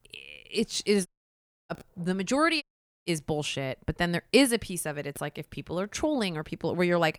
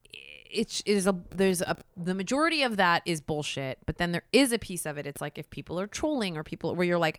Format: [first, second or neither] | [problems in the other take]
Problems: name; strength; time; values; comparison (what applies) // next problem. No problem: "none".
second | audio cutting out; at 1 s for 0.5 s and at 2.5 s